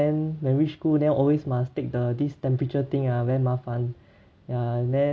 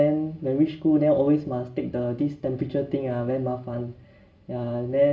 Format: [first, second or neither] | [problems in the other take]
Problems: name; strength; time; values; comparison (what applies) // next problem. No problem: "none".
first | room echo; dies away in 0.4 s